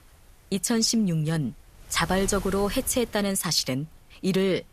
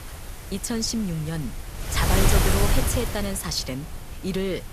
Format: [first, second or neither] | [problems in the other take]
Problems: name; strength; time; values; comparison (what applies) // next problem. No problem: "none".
first | wind noise on the microphone; heavy; 2 dB above the speech; occasional gusts in the first